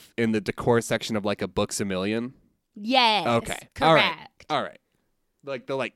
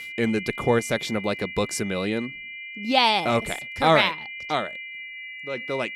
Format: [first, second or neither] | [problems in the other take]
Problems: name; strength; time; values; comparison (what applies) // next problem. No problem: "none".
first | high-pitched whine; noticeable; throughout; 2 kHz, 10 dB below the speech